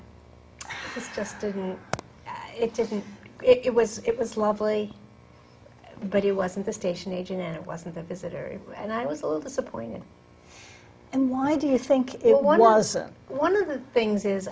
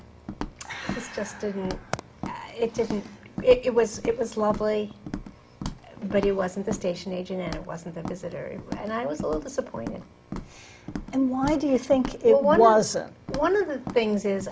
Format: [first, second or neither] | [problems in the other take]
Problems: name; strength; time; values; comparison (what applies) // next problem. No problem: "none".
first | background sound (Walk, footsteps); 12 dB below the speech